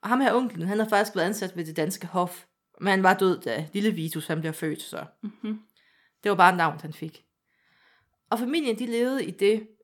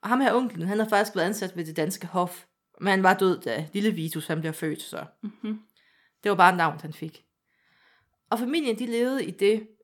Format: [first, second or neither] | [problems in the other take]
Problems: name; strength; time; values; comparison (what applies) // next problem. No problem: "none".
neither | none